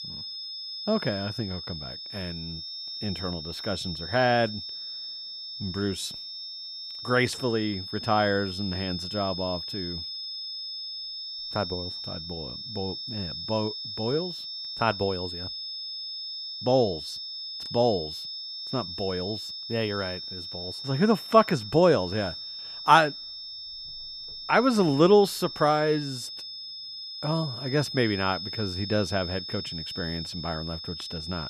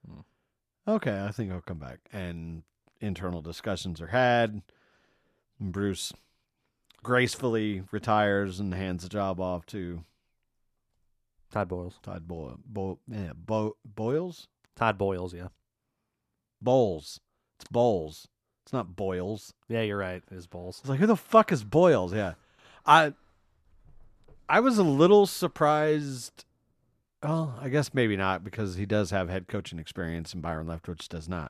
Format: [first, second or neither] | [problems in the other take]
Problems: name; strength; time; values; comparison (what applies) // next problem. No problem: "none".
second | high-pitched whine; loud; throughout; 5.5 kHz, 7 dB below the speech